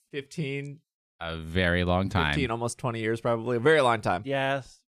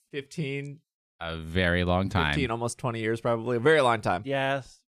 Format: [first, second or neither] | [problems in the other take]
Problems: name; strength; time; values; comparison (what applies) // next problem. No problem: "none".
neither | none